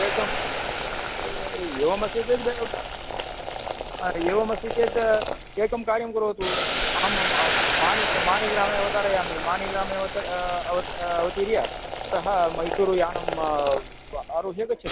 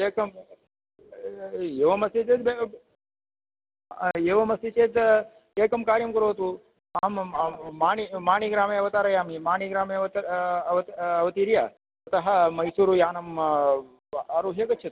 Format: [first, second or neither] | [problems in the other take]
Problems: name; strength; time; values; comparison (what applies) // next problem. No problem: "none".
second | background sound (Boiling); 2 dB below the speech